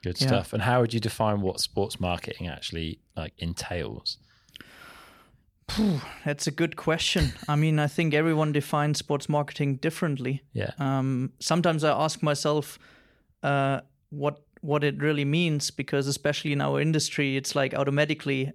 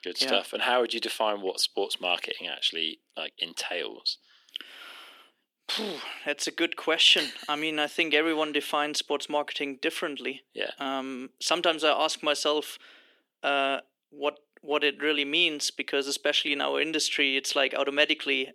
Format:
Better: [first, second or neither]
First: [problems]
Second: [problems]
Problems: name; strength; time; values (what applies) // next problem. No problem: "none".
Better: first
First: none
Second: thin; somewhat; fading below 300 Hz